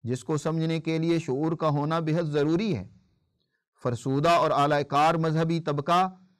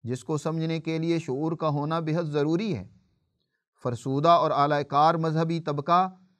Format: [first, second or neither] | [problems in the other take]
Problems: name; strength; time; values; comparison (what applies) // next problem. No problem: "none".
second | distortion; slight; 5% of the sound clipped